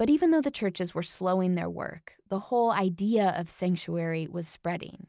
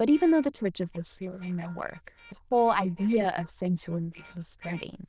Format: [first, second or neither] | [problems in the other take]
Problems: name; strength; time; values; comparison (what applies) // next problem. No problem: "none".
first | noise reduction (neural diffusion model UNIVERSE++)